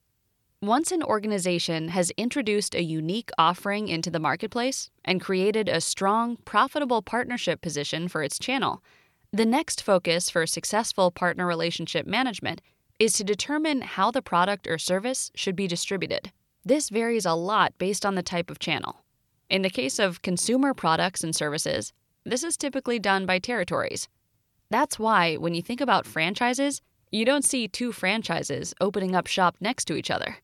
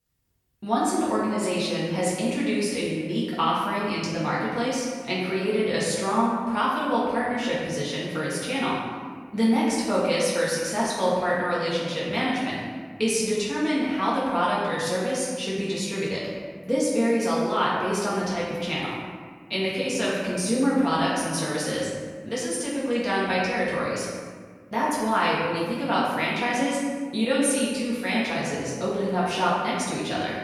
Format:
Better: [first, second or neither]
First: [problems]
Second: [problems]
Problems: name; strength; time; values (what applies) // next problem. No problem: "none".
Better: first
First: none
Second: room echo; strong; dies away in 1.4 s // off-mic speech; far